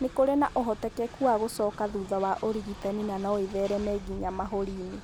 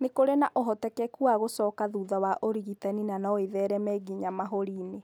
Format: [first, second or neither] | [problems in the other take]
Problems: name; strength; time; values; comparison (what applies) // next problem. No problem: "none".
second | background sound (Train); 15 dB below the speech